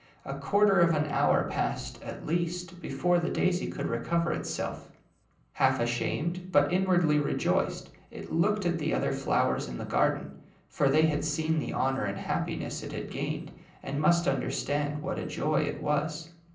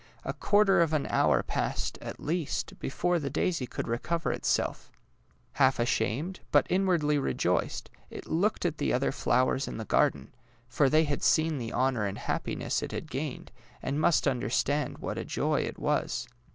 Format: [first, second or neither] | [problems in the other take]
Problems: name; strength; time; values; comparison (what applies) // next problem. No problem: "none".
second | room echo; dies away in 0.6 s